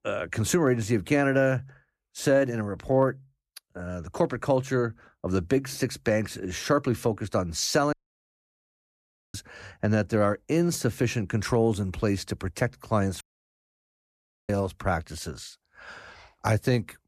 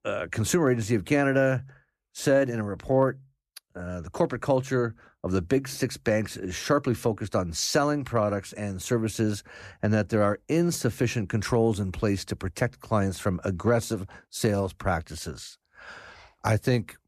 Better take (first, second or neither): second